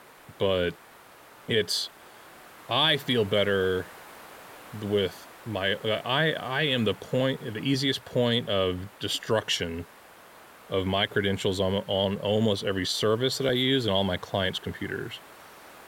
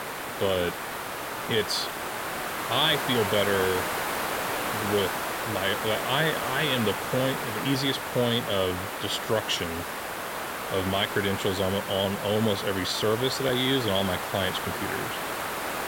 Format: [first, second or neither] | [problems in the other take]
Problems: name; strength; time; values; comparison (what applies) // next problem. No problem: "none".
first | hiss; loud; throughout; 3 dB below the speech; faint in the first